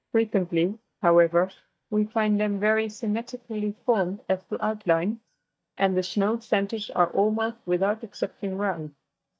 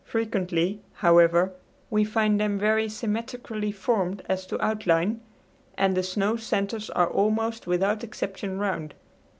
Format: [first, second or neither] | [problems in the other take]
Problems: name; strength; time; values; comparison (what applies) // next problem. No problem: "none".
second | noise reduction (neural mask model DeepFilterNet 3)